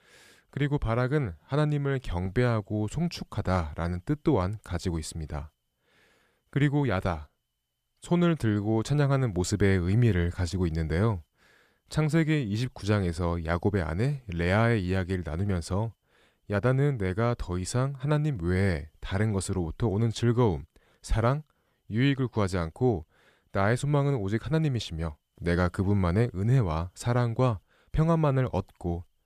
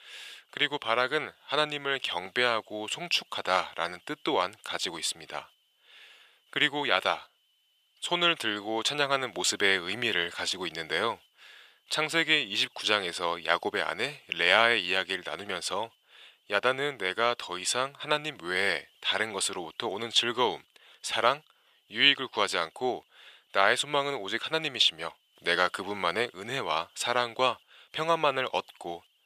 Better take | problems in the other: first | thin; very; fading below 650 Hz

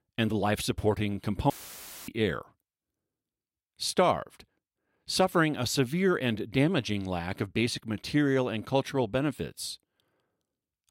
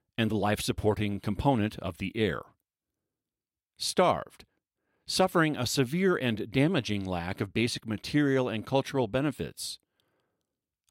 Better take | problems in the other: second | audio cutting out; filled with static; at 1.5 s for 0.5 s

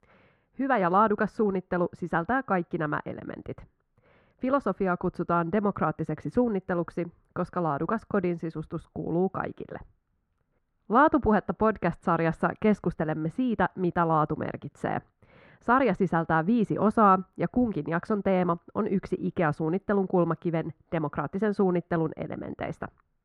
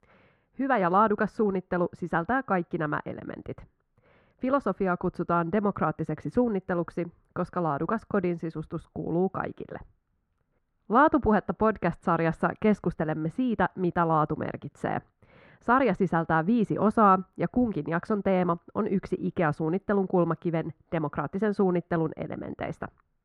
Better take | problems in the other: neither | muffled; very; fading above 3 kHz; the same in both

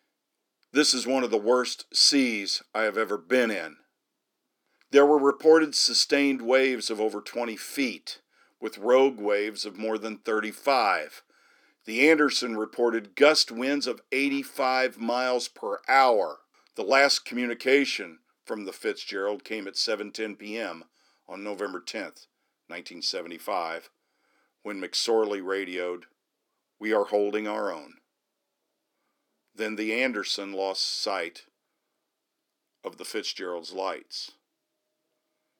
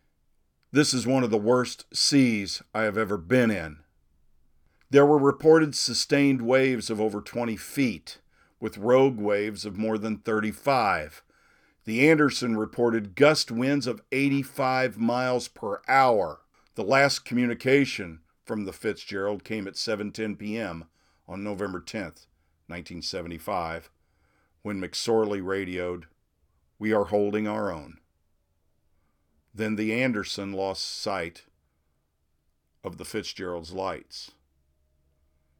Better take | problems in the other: second | thin; very slightly; fading below 300 Hz

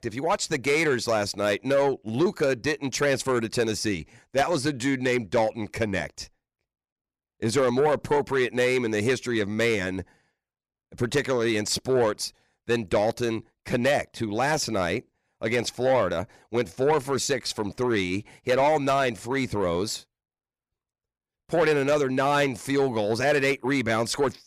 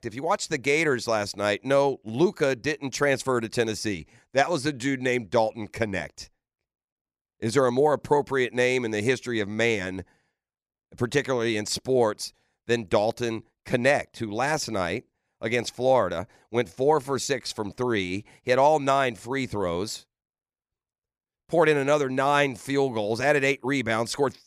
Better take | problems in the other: second | distortion; slight; 10 dB below the speech

